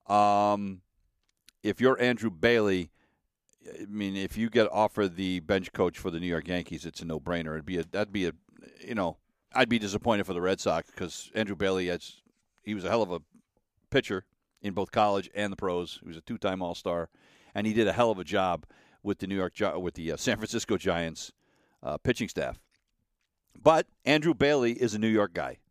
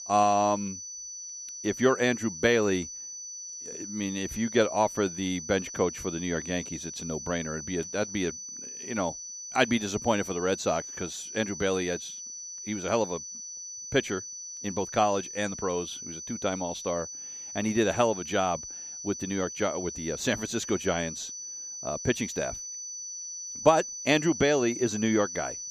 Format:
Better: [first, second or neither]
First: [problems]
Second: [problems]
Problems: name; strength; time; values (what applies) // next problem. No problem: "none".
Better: first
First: none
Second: high-pitched whine; loud; throughout; 6 kHz, 8 dB below the speech